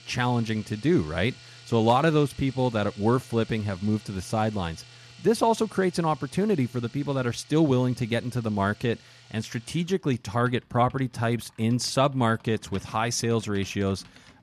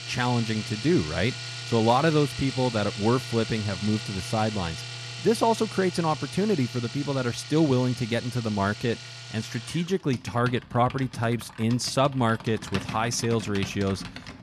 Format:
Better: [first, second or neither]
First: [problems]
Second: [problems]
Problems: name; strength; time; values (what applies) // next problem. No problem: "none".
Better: first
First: household noises; faint; throughout; 20 dB below the speech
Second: household noises; loud; throughout; 10 dB below the speech